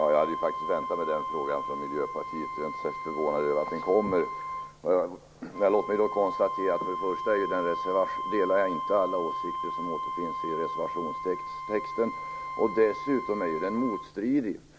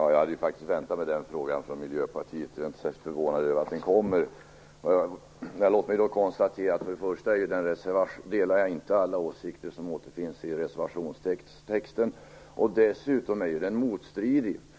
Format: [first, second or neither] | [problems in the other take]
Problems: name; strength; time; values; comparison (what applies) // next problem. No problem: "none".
second | background sound (Wind instrument, woodwind instrument); 5 dB below the speech